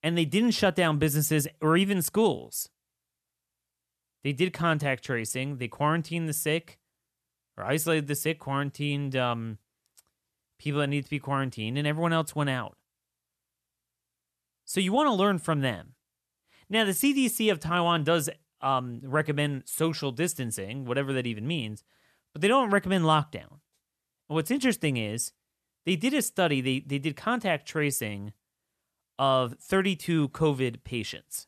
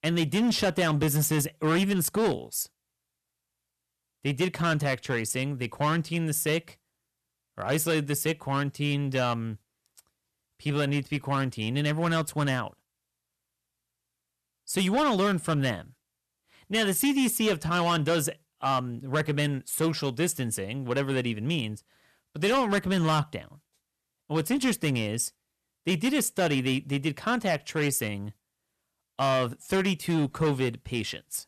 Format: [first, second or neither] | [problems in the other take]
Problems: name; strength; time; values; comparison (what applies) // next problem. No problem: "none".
first | distortion; slight; 7% of the sound clipped